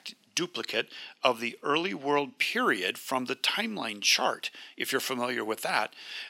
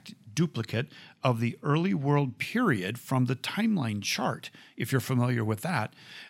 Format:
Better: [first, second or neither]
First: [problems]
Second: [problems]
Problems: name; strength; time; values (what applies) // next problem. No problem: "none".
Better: second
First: thin; somewhat; fading below 350 Hz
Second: none